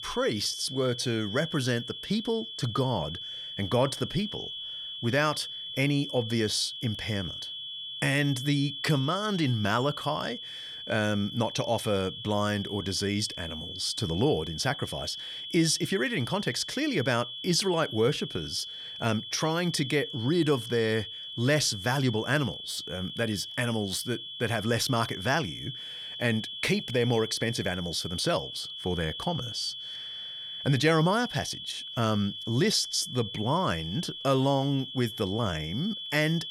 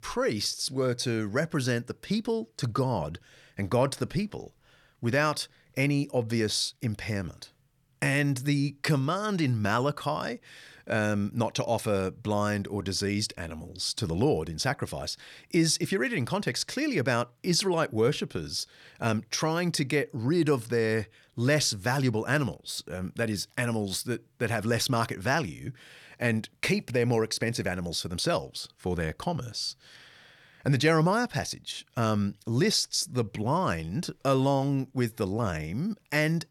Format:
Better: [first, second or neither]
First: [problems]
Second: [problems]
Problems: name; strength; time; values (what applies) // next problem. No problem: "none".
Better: second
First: high-pitched whine; loud; throughout; 3.5 kHz, 8 dB below the speech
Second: none